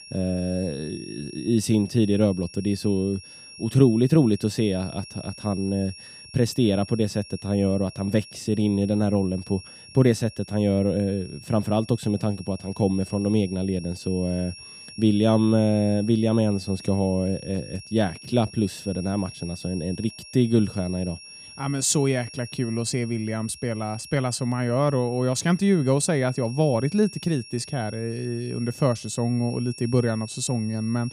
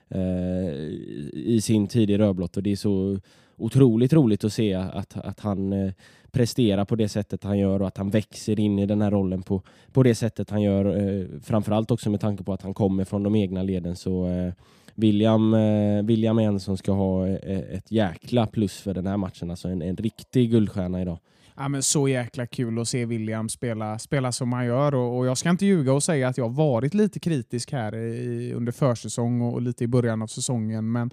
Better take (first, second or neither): second